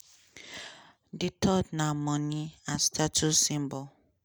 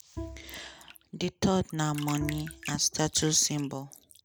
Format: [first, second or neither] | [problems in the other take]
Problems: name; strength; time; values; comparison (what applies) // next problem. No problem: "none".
first | background sound (Bowed string instrument + Bathtub (filling or washing)); 14 dB below the speech